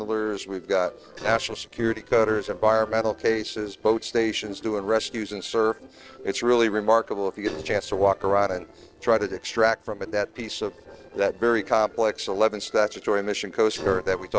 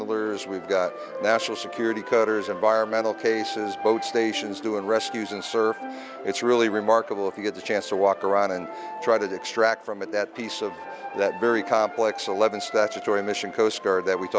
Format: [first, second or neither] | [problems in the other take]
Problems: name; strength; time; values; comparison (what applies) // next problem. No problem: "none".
second | noise reduction (neural separator model SepFormer DNS4)